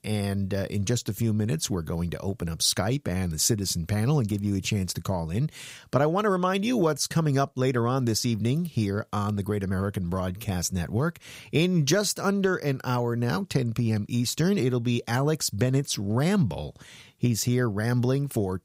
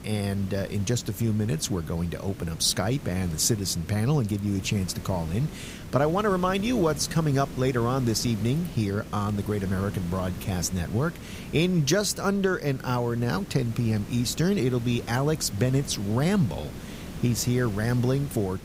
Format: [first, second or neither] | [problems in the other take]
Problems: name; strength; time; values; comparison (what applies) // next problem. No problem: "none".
first | hiss; noticeable; throughout; 15 dB below the speech